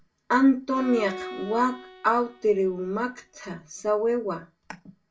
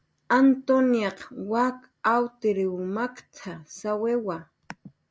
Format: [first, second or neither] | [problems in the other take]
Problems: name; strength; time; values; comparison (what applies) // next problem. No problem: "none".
second | background sound (Bowed string instrument); 16 dB below the speech // room echo; dies away in 0.2 s